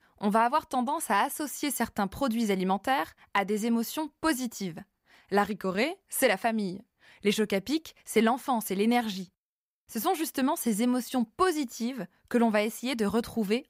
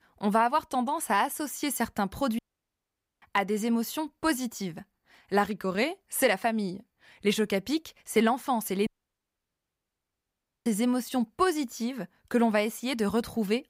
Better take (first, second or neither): first